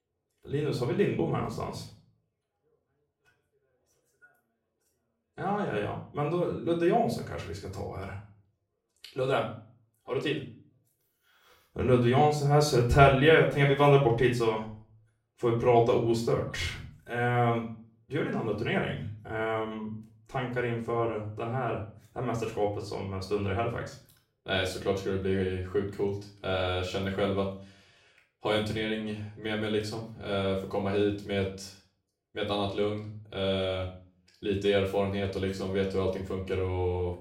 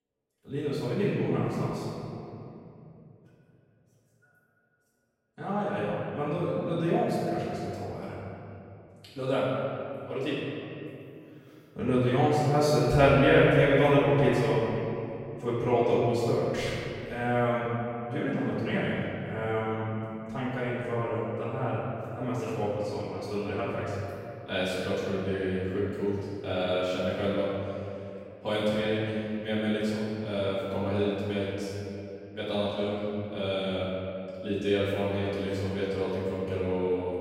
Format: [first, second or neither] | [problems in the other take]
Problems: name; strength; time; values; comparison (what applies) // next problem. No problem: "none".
first | room echo; strong; dies away in 2.7 s; slight in the first // off-mic speech; far; far in the first